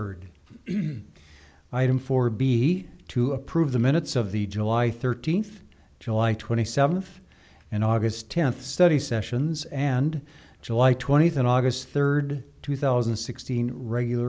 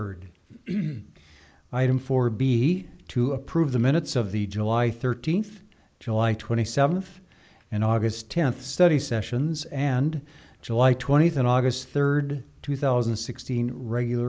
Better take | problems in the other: first | noise reduction (neural mask model Resemble Enhance denoiser)

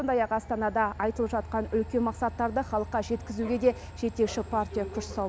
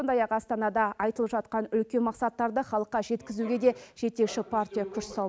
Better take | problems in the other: second | background sound (Train); 13 dB below the speech

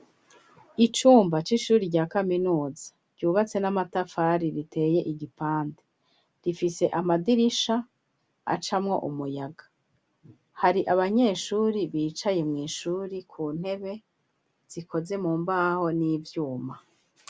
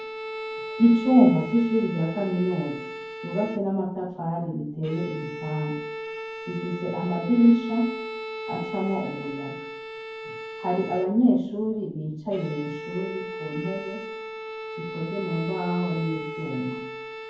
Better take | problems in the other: first | background sound (Bowed string instrument); 10 dB below the speech // room echo; dies away in 0.9 s

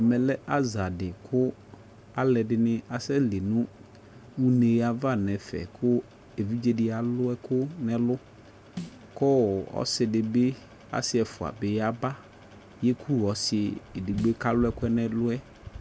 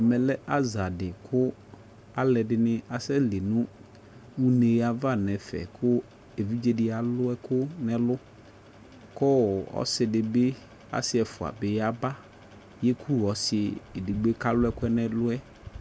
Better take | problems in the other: second | background sound (Snare drum); 17 dB below the speech

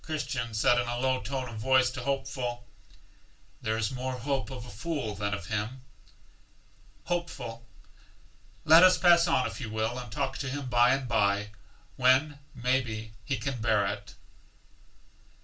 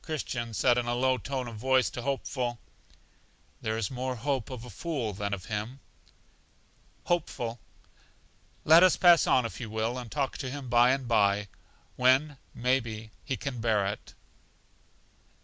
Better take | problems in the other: second | room echo; dies away in 0.2 s

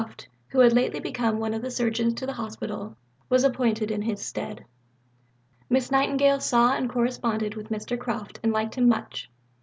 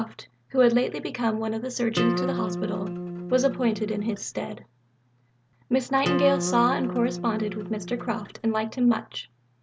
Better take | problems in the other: first | background sound (Acoustic guitar); 4 dB below the speech

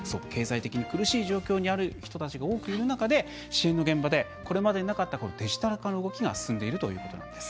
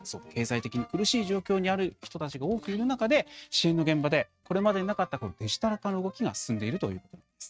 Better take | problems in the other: first | noise reduction (neural mask model RNNoise)

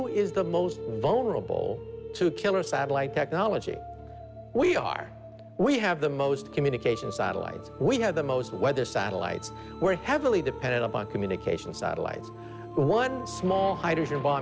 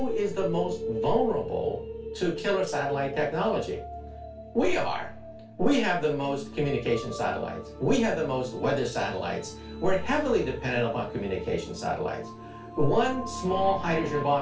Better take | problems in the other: first | room echo; dies away in 0.2 s

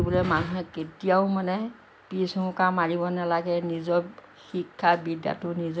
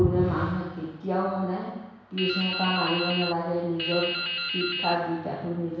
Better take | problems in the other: first | background sound (Drip); 4 dB below the speech // room echo; dies away in 1.1 s

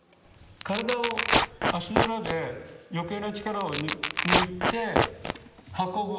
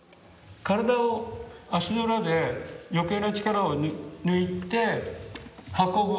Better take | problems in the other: second | background sound (Tearing); 3 dB above the speech

